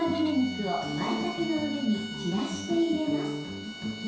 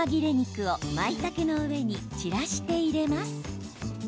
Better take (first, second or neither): second